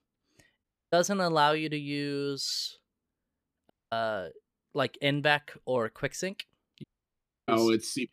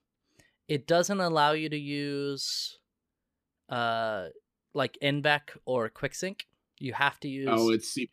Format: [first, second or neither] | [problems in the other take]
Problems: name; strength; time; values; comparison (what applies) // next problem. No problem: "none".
second | audio cutting out; at 0.5 s, at 3.5 s and at 7 s for 0.5 s